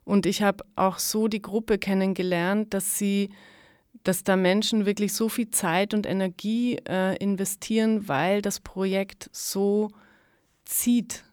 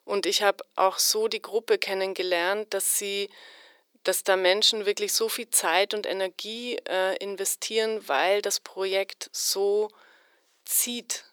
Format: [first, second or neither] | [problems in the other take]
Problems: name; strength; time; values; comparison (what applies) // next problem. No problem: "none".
first | thin; very; fading below 400 Hz